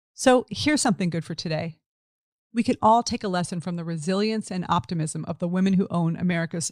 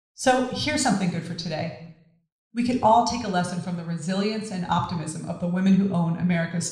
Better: first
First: none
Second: room echo; slight; dies away in 0.7 s

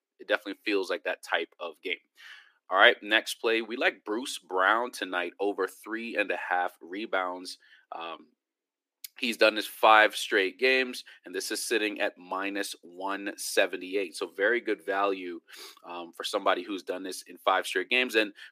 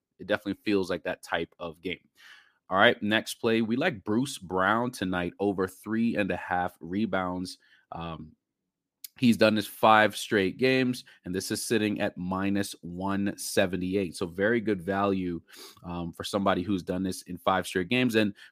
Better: second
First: thin; somewhat; fading below 300 Hz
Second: none

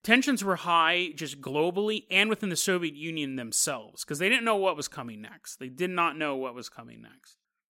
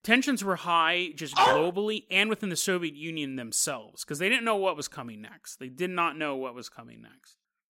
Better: first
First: none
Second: dog barking; loud; at 1.5 s; peak 5 dB above the speech

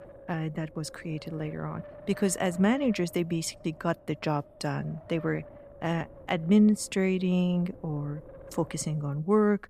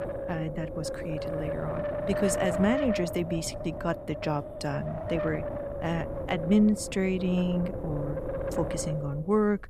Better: first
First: wind noise on the microphone; occasional gusts; 15 dB below the speech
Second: wind noise on the microphone; heavy; 1 dB below the speech

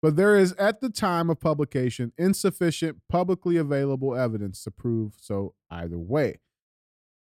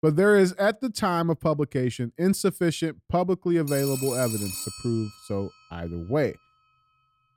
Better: first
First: none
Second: phone ringing; noticeable; from 3.5 to 5 s; peak 6 dB below the speech

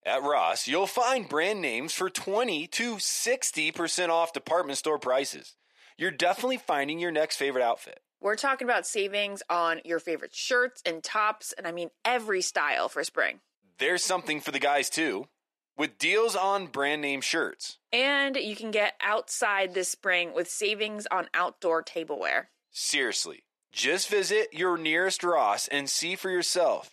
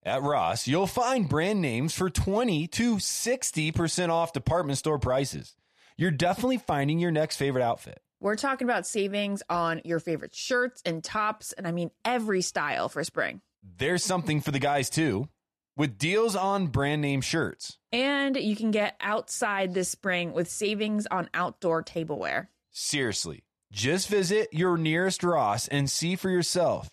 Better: second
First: thin; somewhat; fading below 350 Hz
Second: none

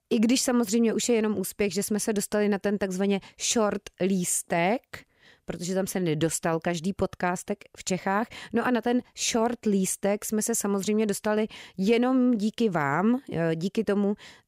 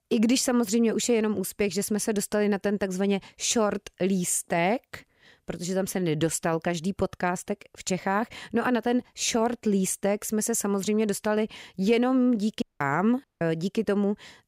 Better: first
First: none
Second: audio cutting out; at 13 s

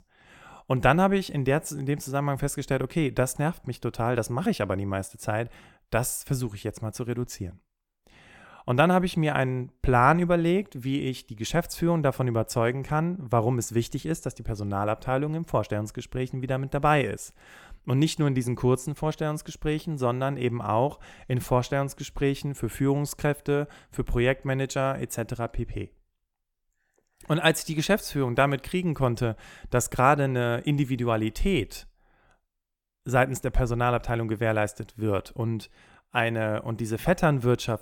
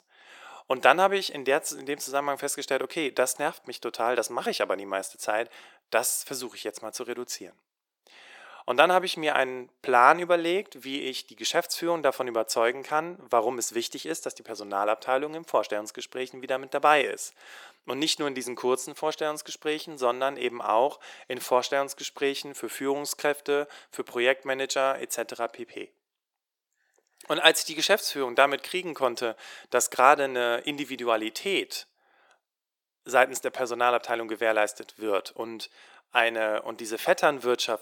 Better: first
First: none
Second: thin; very; fading below 400 Hz

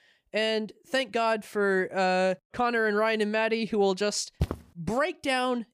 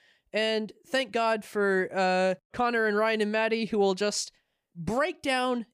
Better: second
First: footsteps; noticeable; at 4.5 s; peak 6 dB below the speech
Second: none

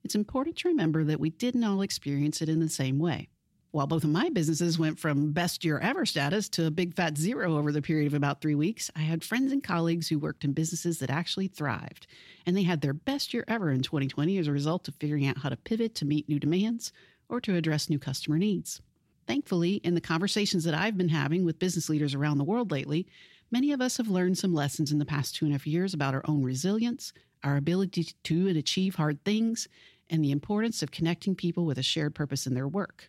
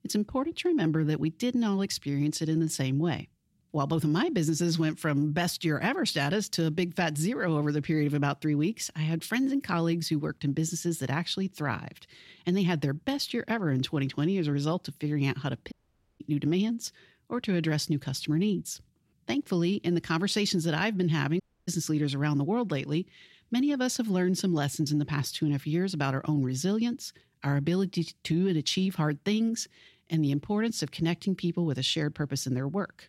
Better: first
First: none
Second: audio cutting out; at 16 s and at 21 s

